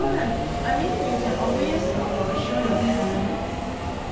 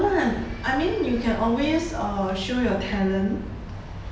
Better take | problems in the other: second | background sound (Subway, metro, underground); 3 dB above the speech

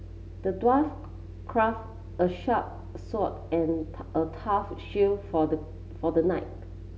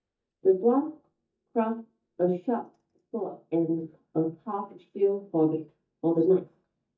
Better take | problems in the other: first | noise reduction (neural mask model DeepFilterNet 3)

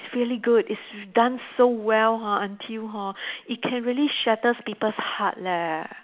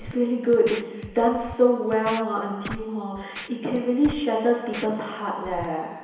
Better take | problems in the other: first | background sound (Scratching (performance technique)); 16 dB below the speech // room echo; dies away in 1 s

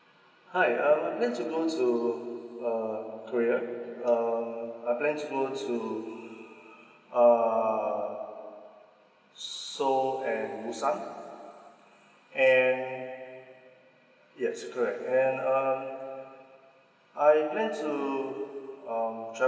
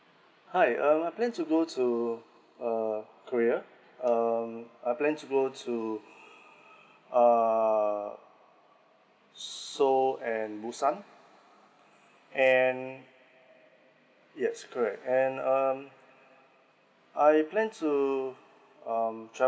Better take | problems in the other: second | room echo; dies away in 2.7 s

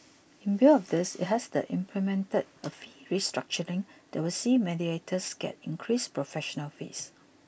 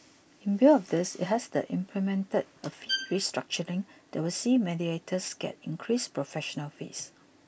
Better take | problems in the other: first | background sound (Bowed string instrument); 8 dB below the speech

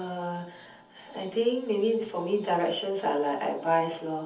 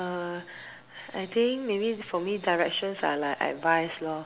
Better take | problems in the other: second | room echo; dies away in 0.7 s

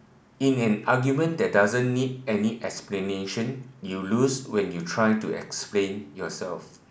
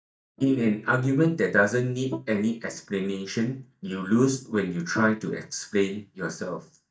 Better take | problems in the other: first | noise reduction (neural mask model DeepFilterNet 3)

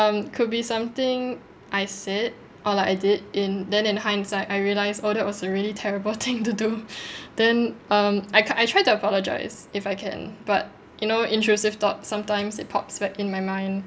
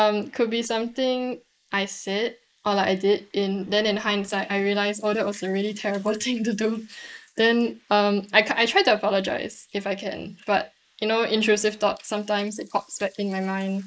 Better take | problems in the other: first | noise reduction (neural mask model Resemble Enhance denoiser)

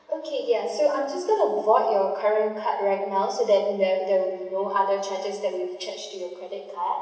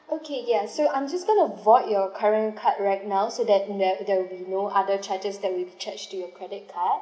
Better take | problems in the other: second | room echo; dies away in 1.1 s

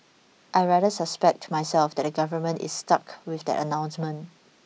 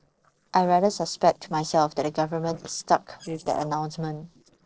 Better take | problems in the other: first | noise reduction (neural separator model SepFormer DNS4)

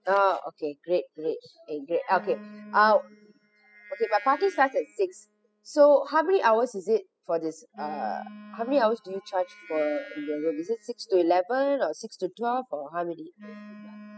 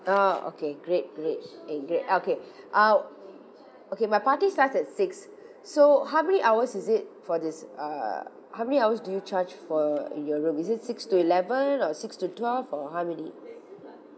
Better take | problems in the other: second | noise reduction (classical method spectral subtraction)

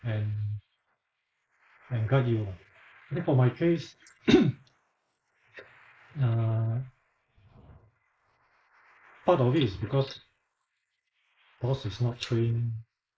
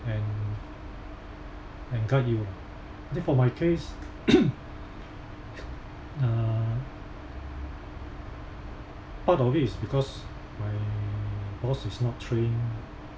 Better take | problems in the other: second | noise reduction (neural mask model Resemble Enhance denoiser)

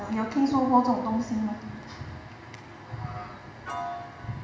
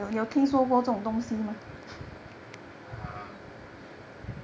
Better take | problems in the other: second | background sound (Piano); 15 dB below the speech // room echo; dies away in 1.1 s

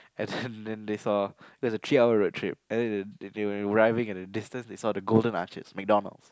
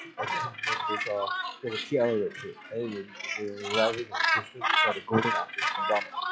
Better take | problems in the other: first | noise reduction (classical method log-MMSE)

